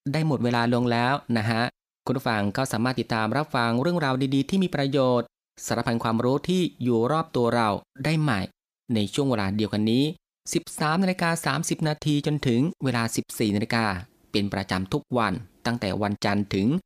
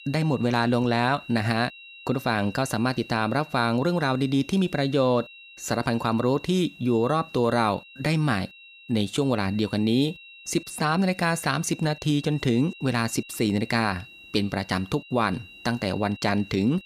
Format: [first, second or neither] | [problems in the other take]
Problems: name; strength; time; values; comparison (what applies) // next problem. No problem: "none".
first | high-pitched whine; noticeable; throughout; 2.5 kHz, 20 dB below the speech